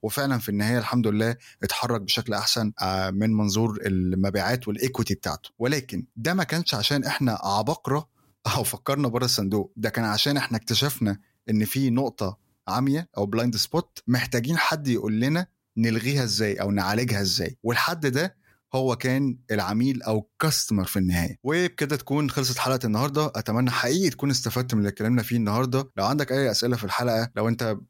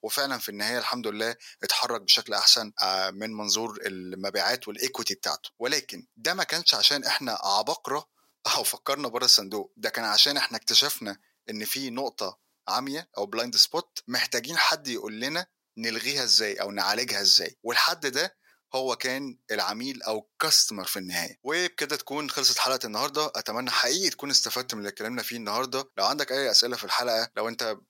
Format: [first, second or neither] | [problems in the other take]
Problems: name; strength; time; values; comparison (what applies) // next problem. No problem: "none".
first | thin; somewhat; fading below 500 Hz